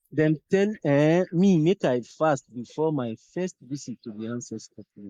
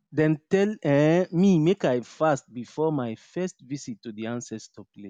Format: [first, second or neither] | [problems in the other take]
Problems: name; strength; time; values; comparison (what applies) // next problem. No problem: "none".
second | noise reduction (neural mask model Resemble Enhance denoiser)